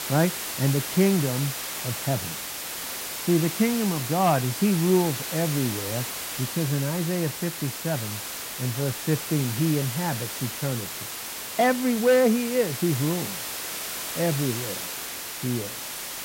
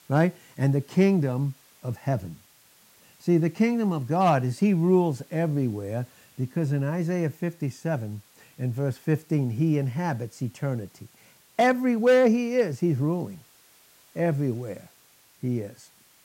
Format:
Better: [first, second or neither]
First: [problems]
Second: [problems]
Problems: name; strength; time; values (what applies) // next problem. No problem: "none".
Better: second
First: hiss; loud; throughout; 5 dB below the speech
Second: hiss; faint; throughout; 30 dB below the speech